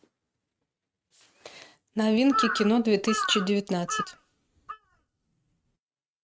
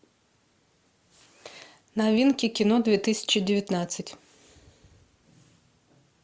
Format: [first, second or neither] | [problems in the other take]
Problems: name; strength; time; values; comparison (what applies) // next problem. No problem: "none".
second | noise reduction (neural mask model RNNoise)